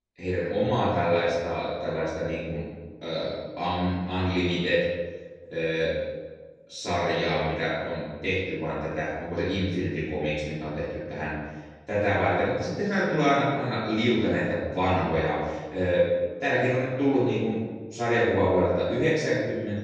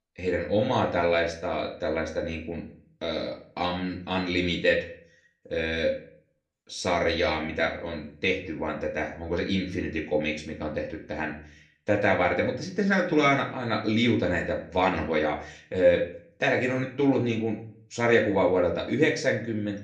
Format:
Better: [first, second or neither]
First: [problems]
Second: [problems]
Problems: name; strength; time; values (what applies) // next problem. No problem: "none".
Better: second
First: room echo; strong; dies away in 1.2 s // off-mic speech; far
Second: room echo; slight; dies away in 0.4 s // off-mic speech; somewhat distant